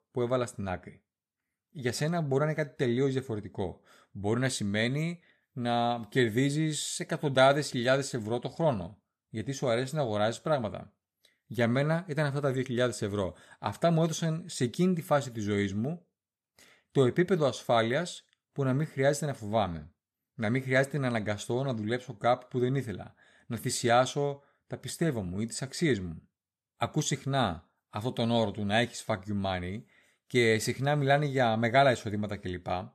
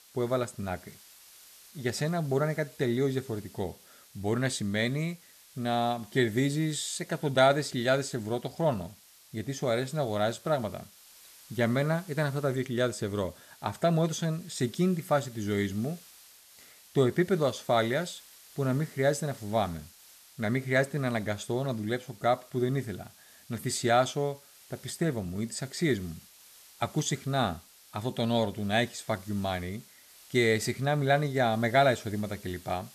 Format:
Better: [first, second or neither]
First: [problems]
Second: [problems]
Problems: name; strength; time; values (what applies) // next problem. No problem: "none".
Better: first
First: none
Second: hiss; faint; throughout; 20 dB below the speech